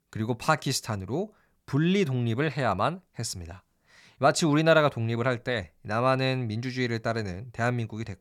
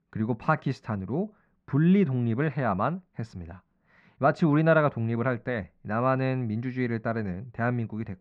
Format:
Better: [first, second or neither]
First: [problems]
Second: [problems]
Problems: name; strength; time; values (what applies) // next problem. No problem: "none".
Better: first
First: none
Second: muffled; very; fading above 1.5 kHz